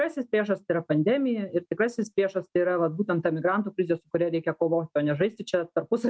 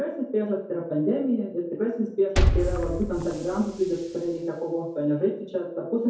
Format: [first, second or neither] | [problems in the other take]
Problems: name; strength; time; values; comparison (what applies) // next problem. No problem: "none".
first | background sound (Liquid); 2 dB below the speech // room echo; dies away in 2.3 s